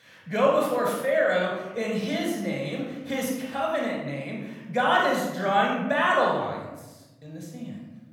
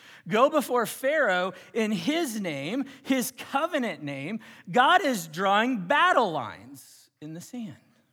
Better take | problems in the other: second | off-mic speech; somewhat distant // room echo; noticeable; dies away in 1.1 s

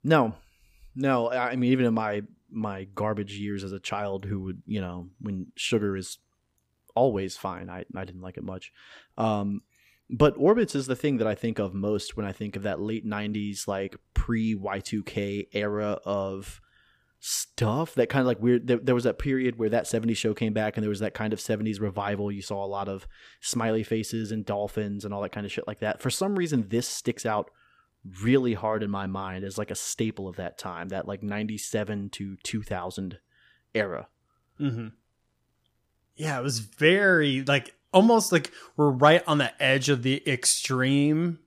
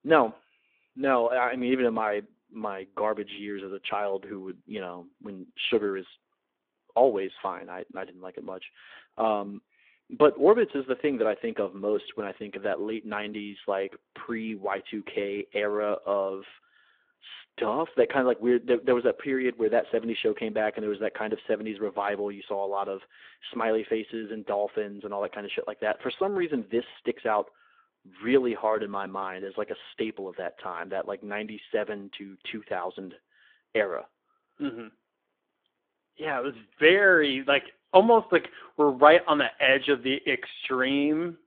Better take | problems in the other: first | phone-call audio

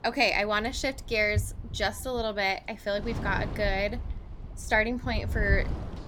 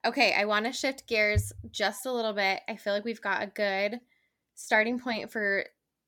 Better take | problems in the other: second | wind noise on the microphone; occasional gusts; 20 dB below the speech

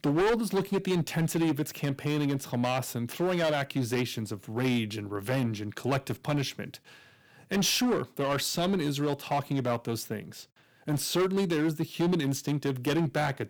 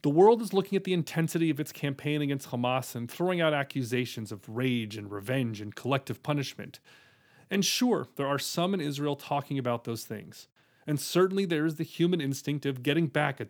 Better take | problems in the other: second | distortion; heavy; 11% of the sound clipped

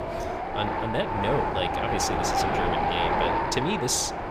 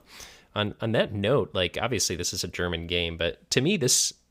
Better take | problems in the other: second | wind noise on the microphone; heavy; 5 dB above the speech

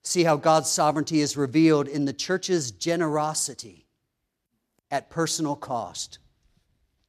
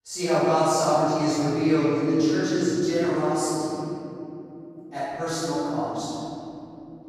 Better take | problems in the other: first | room echo; strong; dies away in 3 s // off-mic speech; far

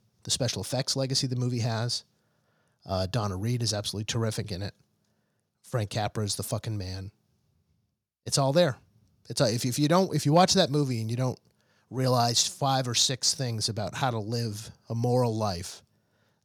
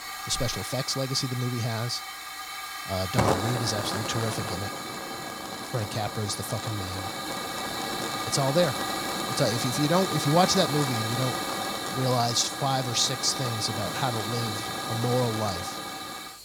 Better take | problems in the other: first | hiss; loud; throughout; 3 dB below the speech

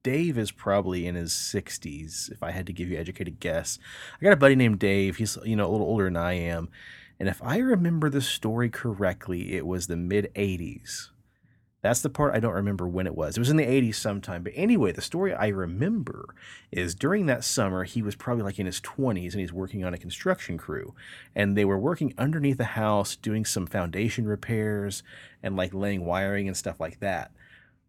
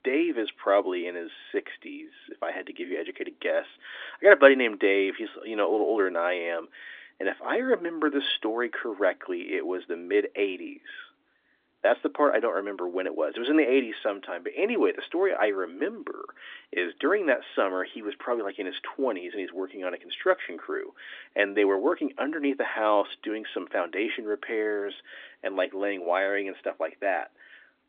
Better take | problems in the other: first | phone-call audio; nothing above 3.5 kHz

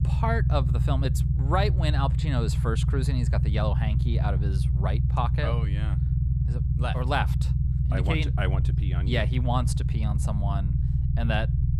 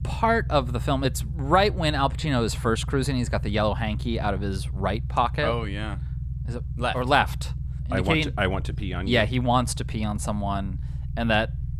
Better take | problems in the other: second | low rumble; loud; throughout; 7 dB below the speech; faint in the second

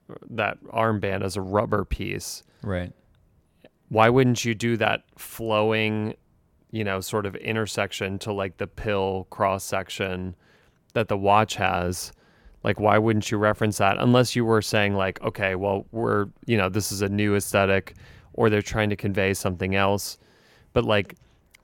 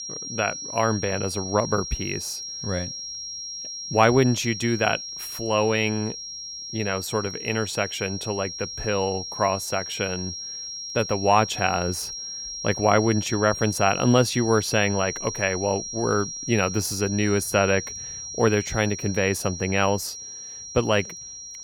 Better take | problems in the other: first | high-pitched whine; loud; throughout; 5.5 kHz, 8 dB below the speech

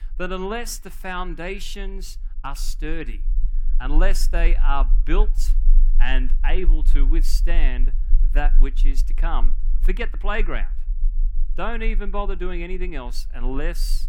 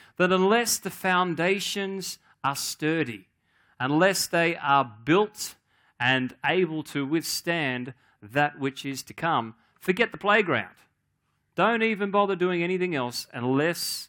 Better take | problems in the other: second | low rumble; faint; throughout; 25 dB below the speech

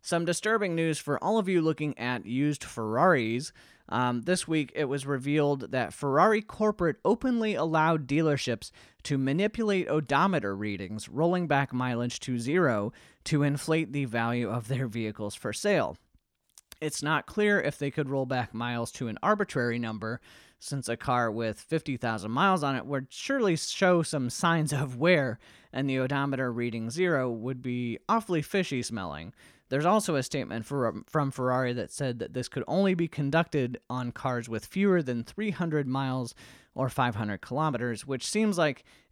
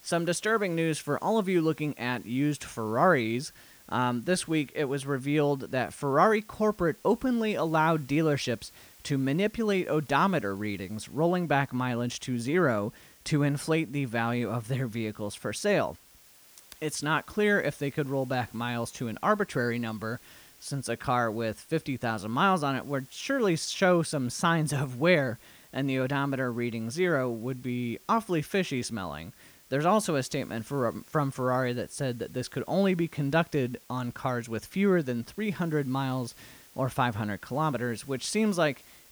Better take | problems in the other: first | hiss; faint; throughout; 25 dB below the speech

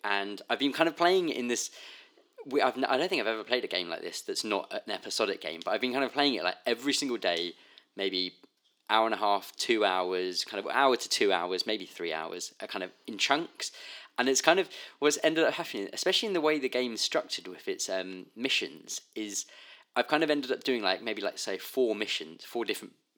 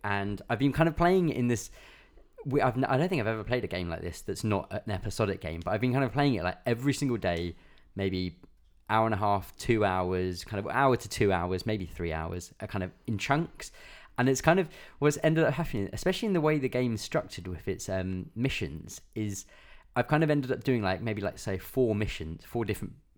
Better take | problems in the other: second | thin; somewhat; fading below 300 Hz

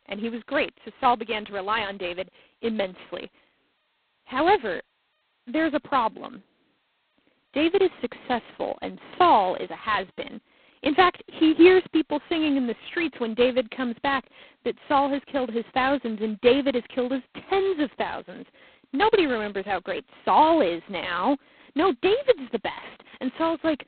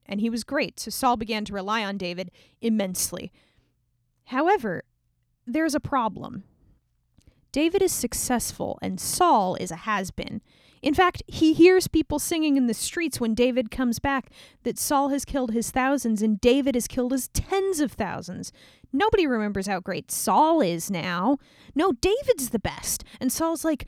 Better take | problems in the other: second | phone-call audio; poor line; nothing above 4 kHz

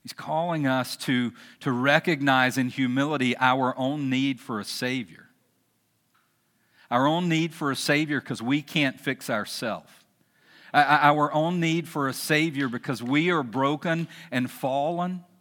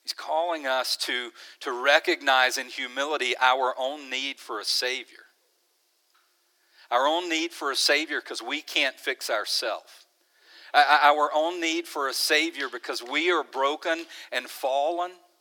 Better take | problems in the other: first | thin; very; fading below 350 Hz

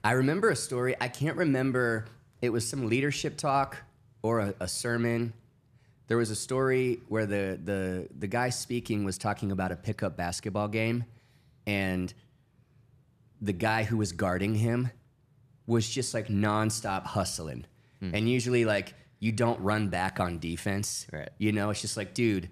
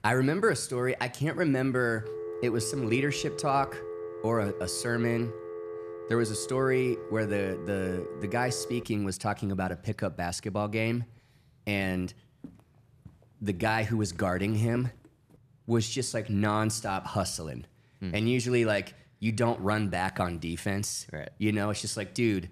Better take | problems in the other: first | phone ringing; noticeable; from 2 to 9 s; peak 8 dB below the speech // footsteps; faint; from 12 to 15 s; peak 15 dB below the speech

